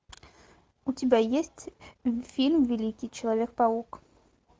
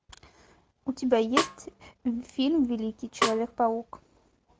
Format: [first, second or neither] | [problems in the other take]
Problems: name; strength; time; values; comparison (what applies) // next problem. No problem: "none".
first | background sound (Snare drum); 4 dB below the speech